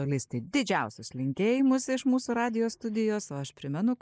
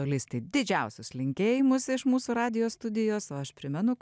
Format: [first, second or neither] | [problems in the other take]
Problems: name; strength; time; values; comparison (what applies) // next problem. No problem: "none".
second | noise reduction (neural mask model Resemble Enhance denoiser)